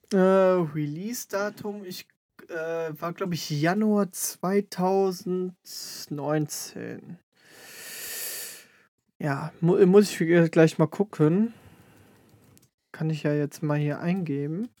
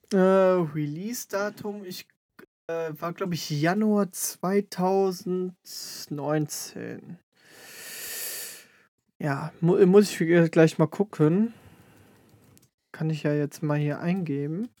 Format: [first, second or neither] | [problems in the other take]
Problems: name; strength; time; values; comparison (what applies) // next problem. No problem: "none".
first | audio cutting out; at 2.5 s